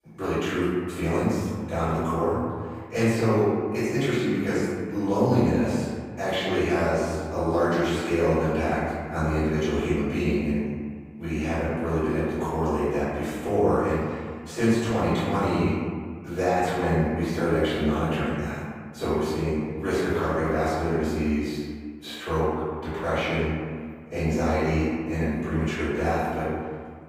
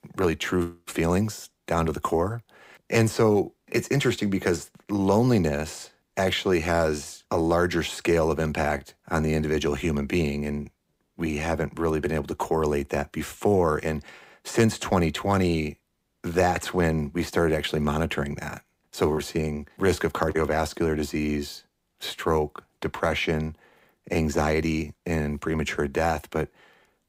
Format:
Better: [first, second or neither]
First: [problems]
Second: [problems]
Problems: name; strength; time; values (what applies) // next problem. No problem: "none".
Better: second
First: off-mic speech; far // room echo; strong; dies away in 1.8 s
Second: none